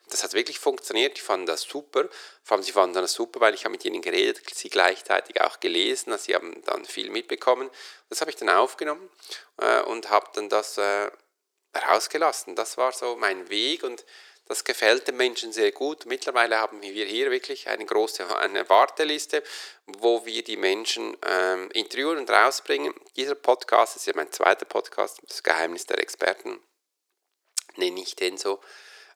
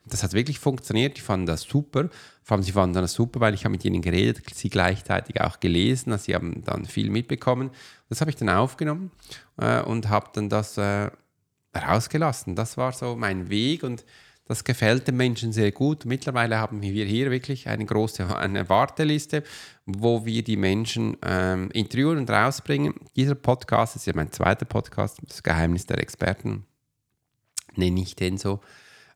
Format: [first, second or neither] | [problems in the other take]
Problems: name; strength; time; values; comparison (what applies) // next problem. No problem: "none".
second | thin; very; fading below 350 Hz